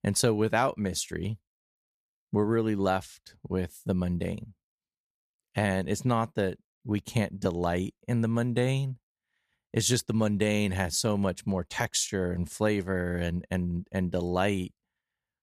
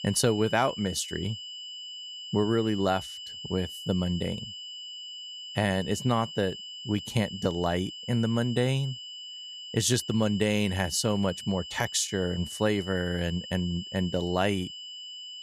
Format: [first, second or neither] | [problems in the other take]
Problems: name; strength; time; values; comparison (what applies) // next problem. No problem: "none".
first | high-pitched whine; loud; throughout; 3 kHz, 10 dB below the speech